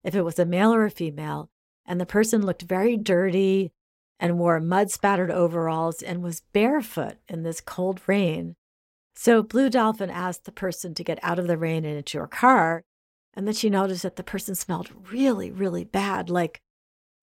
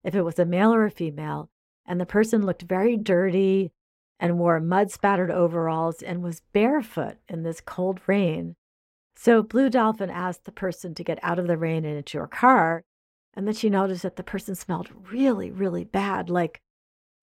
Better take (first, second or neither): first